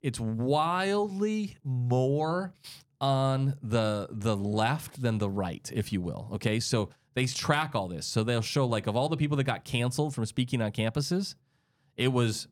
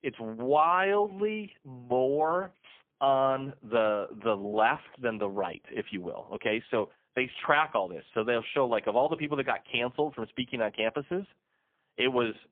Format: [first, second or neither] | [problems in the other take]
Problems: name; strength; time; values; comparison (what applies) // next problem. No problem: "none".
first | phone-call audio; poor line; nothing above 3.5 kHz